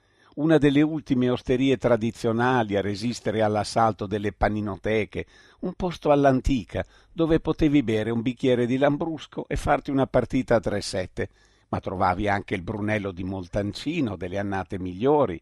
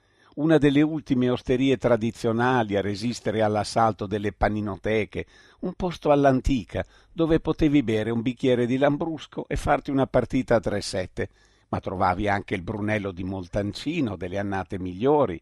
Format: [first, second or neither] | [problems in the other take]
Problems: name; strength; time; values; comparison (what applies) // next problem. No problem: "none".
neither | none